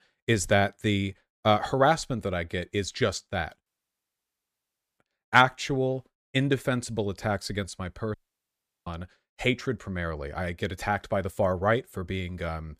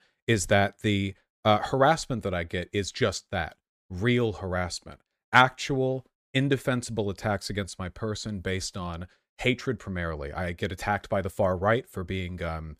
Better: second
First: audio cutting out; at 3.5 s for 1.5 s and at 8 s for 0.5 s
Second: none

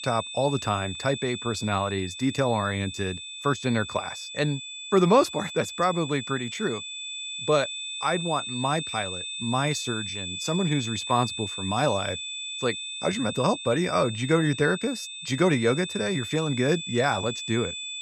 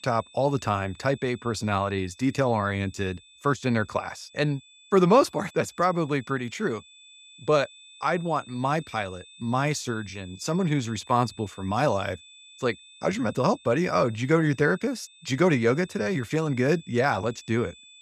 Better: second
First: high-pitched whine; loud; throughout; 3.5 kHz, 7 dB below the speech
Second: high-pitched whine; faint; throughout; 3.5 kHz, 25 dB below the speech

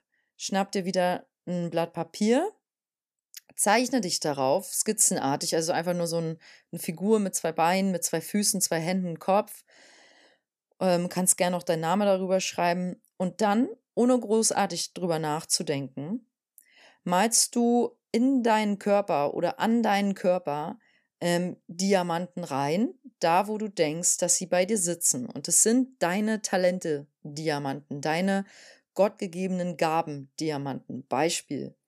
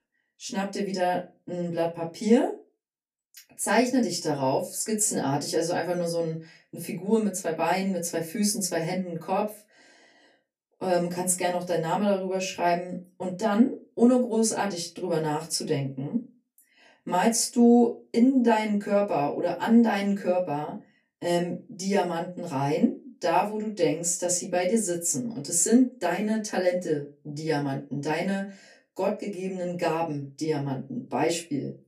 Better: first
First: none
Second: off-mic speech; far // room echo; very slight; dies away in 0.2 s

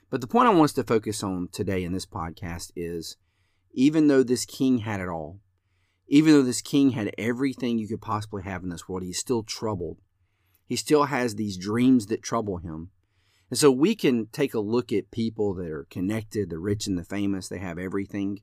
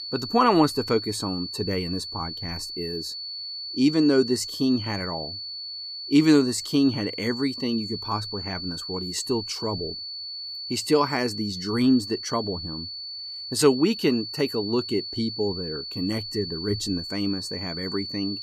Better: first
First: none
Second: high-pitched whine; loud; throughout; 4.5 kHz, 7 dB below the speech

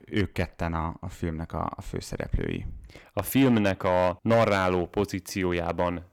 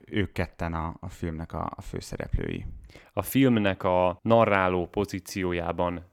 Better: second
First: distortion; slight; 3% of the sound clipped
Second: none

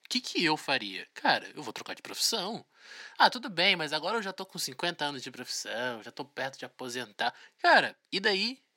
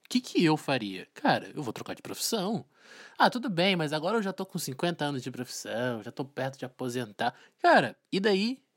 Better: second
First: thin; somewhat; fading below 750 Hz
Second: none

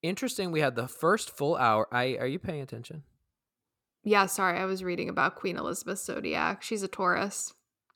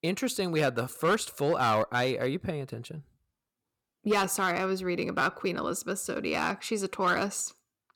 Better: first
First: none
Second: distortion; slight; 3% of the sound clipped

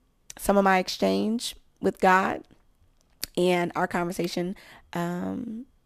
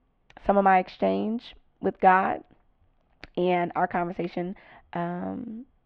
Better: first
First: none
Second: muffled; very; fading above 3 kHz

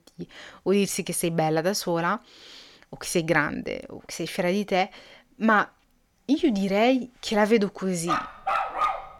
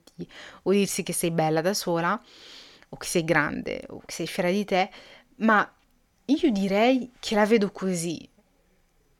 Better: second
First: dog barking; loud; at 8 s; peak level with the speech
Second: none

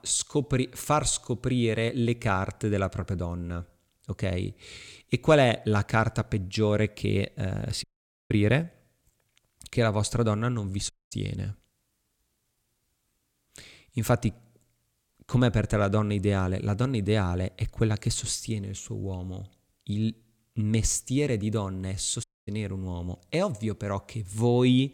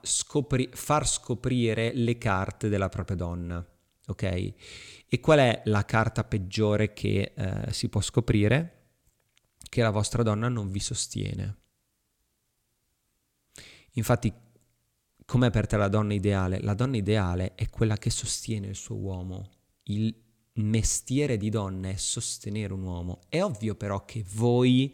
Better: second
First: audio cutting out; at 8 s, at 11 s and at 22 s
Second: none

